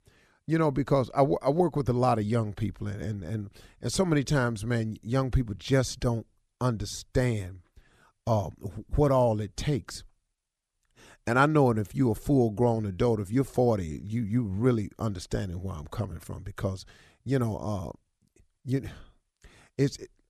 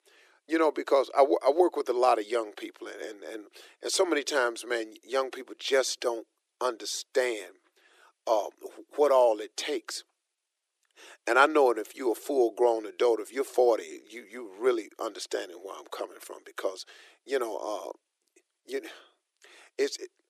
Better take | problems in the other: first | thin; very; fading below 350 Hz

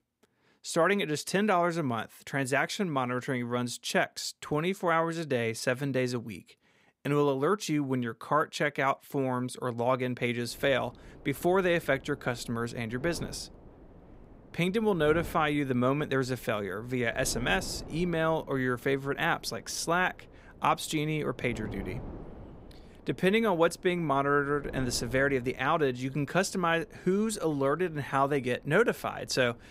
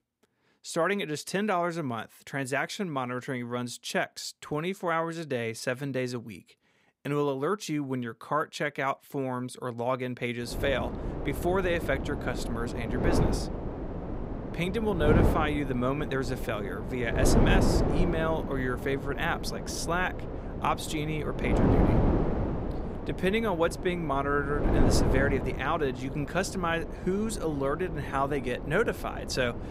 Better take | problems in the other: first | wind noise on the microphone; heavy; from 10 s on; 5 dB below the speech; occasional gusts in the first

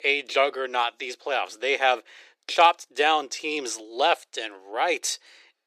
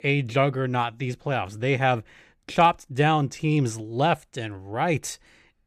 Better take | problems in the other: second | thin; very; fading below 400 Hz

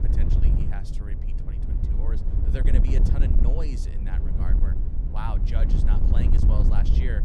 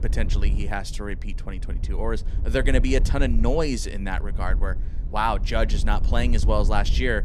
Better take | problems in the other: second | wind noise on the microphone; heavy; as loud as the speech; occasional gusts in the second

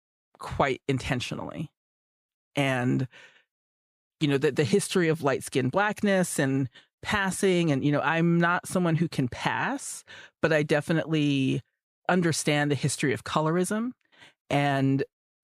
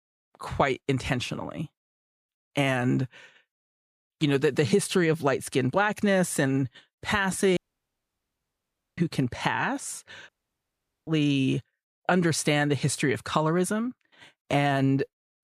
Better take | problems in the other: first | audio cutting out; at 7.5 s for 1.5 s and at 10 s for 1 s

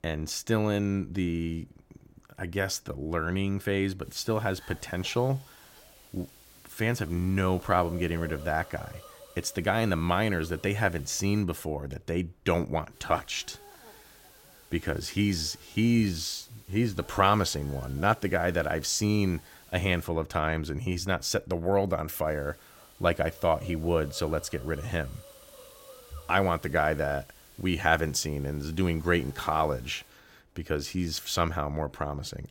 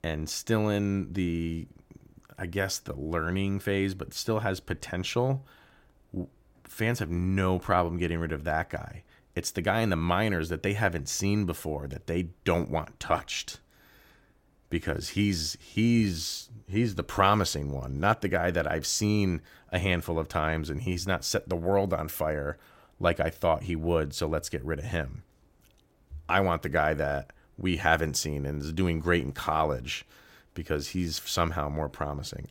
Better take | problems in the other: second | hiss; faint; from 4 to 11 s, from 13 to 20 s and from 22 to 30 s; 20 dB below the speech

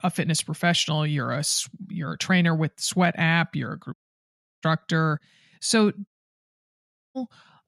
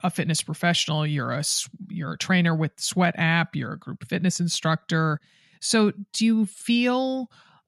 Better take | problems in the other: second | audio cutting out; at 4 s for 0.5 s and at 6 s for 1 s

